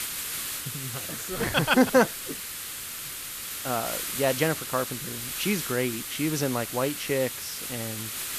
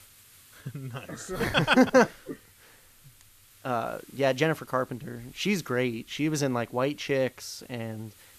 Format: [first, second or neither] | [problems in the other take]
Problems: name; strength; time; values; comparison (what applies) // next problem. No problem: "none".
second | hiss; loud; throughout; 5 dB below the speech; faint in the second